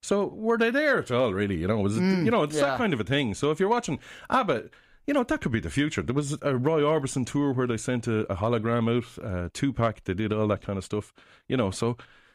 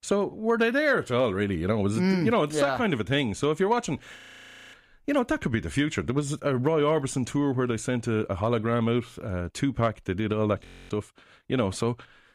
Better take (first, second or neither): first